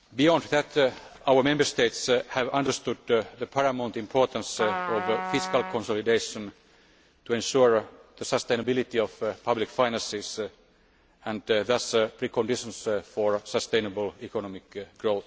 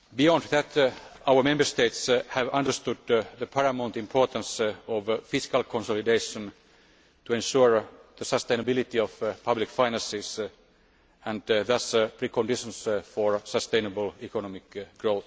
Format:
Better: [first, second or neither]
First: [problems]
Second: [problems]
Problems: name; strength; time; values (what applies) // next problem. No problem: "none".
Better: second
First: background sound (Trumpet); 6 dB below the speech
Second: none